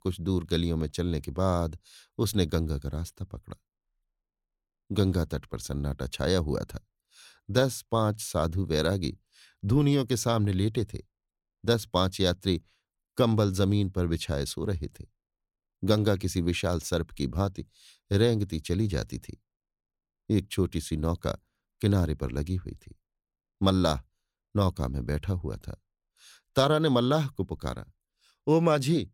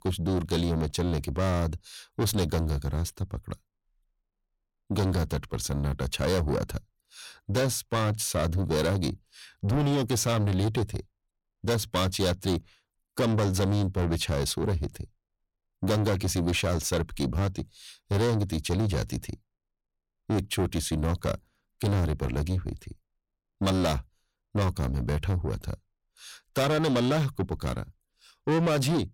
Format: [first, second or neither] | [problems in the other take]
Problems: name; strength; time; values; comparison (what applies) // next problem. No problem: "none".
first | distortion; heavy; 6 dB below the speech